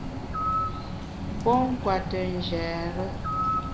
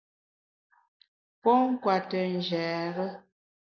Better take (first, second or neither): second